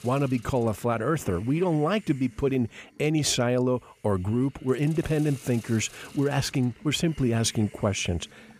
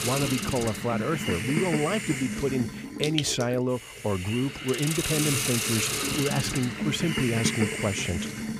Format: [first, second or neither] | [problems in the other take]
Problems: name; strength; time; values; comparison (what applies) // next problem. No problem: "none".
first | hiss; loud; throughout; 1 dB below the speech; faint in the first